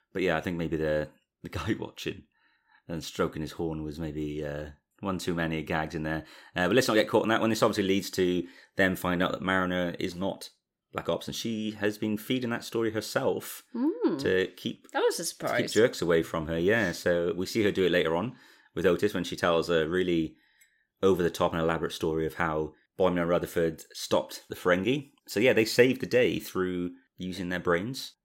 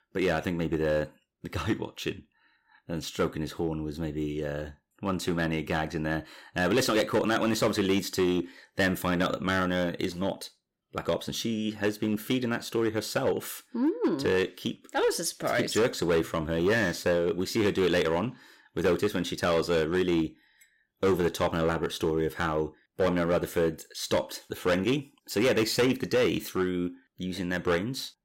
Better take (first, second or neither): first